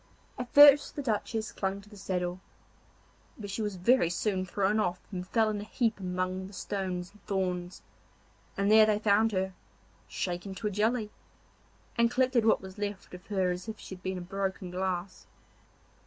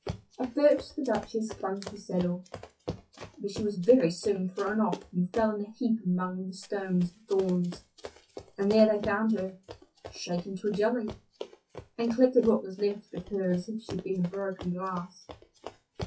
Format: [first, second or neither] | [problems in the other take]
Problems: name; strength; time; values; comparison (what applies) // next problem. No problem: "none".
first | noise reduction (classical method WPE with log-MMSE)